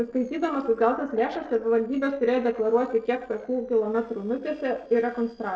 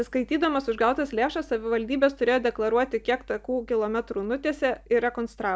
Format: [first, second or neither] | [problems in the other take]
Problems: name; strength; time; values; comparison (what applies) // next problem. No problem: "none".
second | noise reduction (neural separator model SepFormer DNS4)